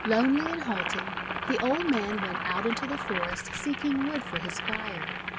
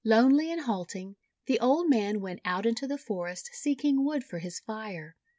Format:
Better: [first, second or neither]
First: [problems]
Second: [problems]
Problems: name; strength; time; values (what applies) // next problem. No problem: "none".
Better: second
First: background sound (Boiling); 3 dB below the speech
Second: none